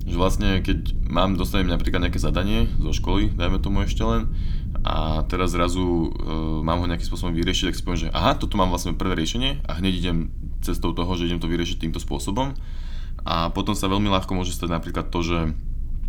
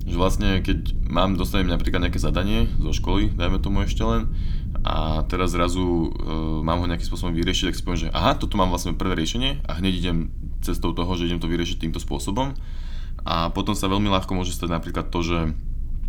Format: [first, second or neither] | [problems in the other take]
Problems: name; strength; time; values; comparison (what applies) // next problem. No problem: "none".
neither | low rumble; faint; throughout; 20 dB below the speech; the same in both